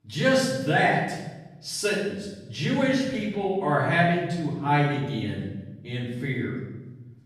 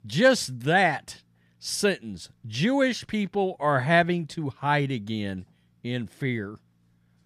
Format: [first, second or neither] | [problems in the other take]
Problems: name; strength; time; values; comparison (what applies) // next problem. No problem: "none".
second | off-mic speech; far // room echo; noticeable; dies away in 1 s